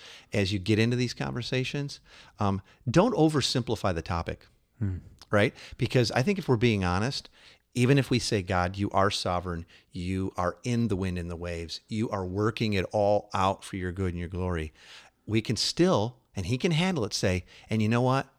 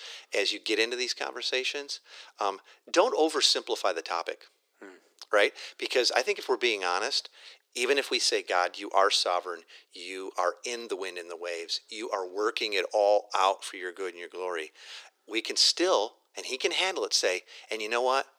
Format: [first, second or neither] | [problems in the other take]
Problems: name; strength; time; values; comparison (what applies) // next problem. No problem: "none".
first | thin; very; fading below 350 Hz